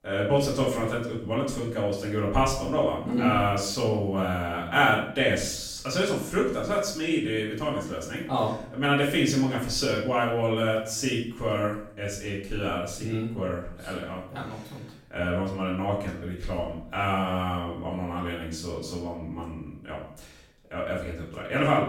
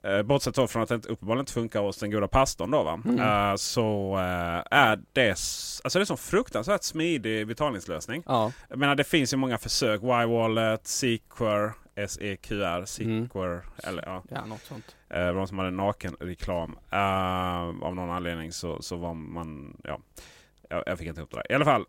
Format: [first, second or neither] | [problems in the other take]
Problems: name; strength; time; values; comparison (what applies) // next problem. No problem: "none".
second | off-mic speech; far // room echo; noticeable; dies away in 0.5 s